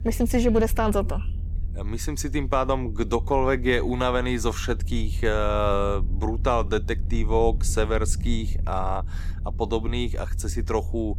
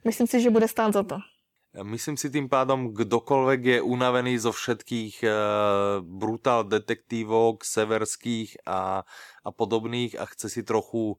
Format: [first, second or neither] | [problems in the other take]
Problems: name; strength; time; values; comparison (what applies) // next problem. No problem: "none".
second | low rumble; faint; throughout; 20 dB below the speech